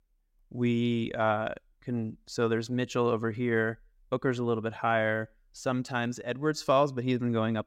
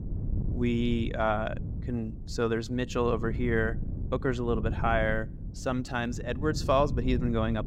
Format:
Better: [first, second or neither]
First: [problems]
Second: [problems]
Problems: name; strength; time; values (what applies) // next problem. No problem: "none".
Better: first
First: none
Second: wind noise on the microphone; occasional gusts; 15 dB below the speech